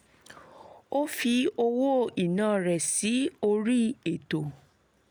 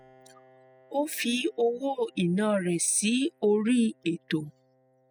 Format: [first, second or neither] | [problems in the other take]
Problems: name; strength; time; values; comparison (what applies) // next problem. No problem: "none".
first | noise reduction (classical method spectral subtraction)